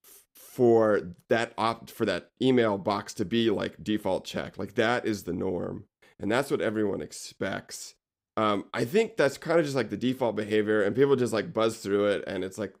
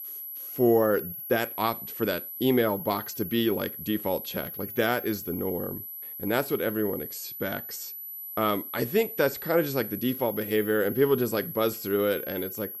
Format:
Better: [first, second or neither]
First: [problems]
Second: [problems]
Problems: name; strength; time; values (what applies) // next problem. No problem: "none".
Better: first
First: none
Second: high-pitched whine; loud; throughout; 12 kHz, 8 dB below the speech